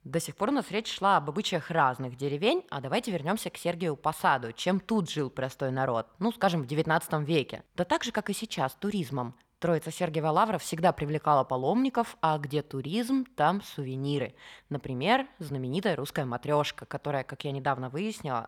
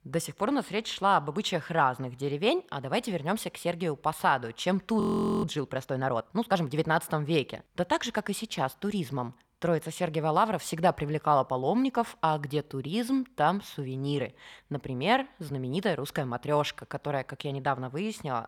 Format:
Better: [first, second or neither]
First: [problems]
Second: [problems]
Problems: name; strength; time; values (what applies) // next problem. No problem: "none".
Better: first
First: none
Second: audio freezing; at 5 s